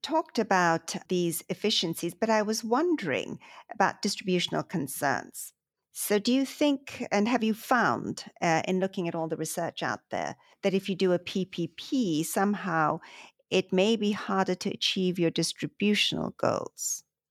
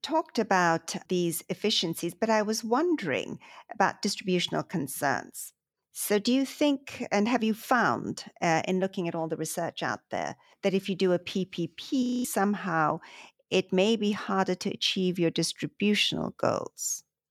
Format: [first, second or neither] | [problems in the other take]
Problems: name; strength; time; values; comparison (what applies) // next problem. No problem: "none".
first | audio freezing; at 12 s